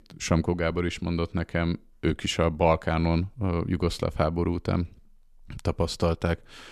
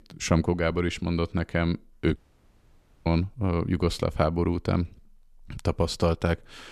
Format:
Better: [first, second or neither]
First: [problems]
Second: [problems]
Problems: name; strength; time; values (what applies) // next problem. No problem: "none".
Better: first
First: none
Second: audio cutting out; at 2 s for 1 s